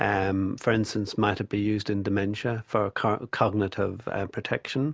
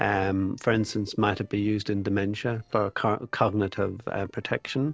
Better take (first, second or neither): first